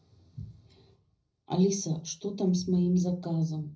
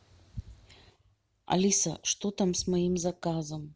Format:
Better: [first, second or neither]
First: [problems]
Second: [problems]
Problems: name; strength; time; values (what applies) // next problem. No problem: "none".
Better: second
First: room echo; dies away in 0.4 s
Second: none